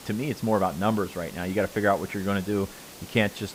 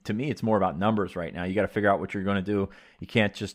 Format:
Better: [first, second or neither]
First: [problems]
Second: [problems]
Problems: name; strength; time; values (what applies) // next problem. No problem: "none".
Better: second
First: hiss; noticeable; throughout; 15 dB below the speech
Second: none